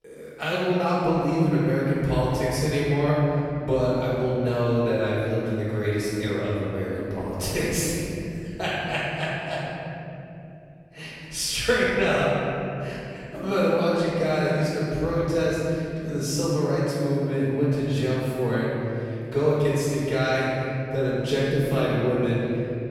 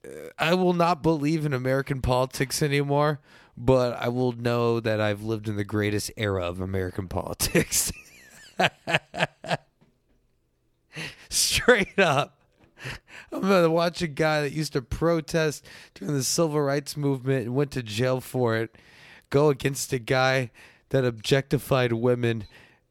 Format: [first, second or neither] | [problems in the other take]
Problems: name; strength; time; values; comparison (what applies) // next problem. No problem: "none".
second | room echo; strong; dies away in 3 s // off-mic speech; far